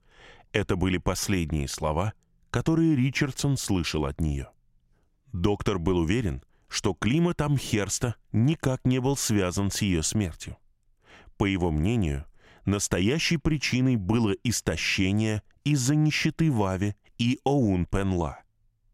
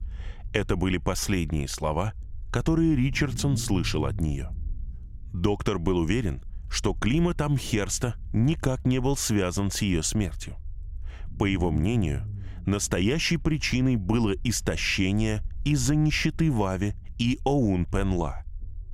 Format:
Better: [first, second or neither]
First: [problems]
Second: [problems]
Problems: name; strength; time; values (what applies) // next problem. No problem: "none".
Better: first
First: none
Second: low rumble; faint; throughout; 25 dB below the speech